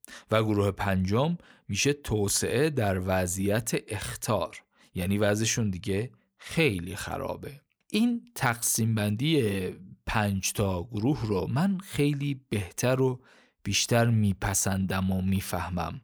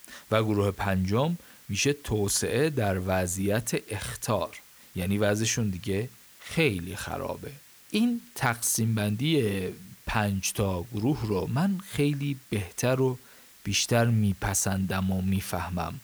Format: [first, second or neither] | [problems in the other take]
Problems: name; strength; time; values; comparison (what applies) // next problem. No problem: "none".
first | hiss; faint; throughout; 25 dB below the speech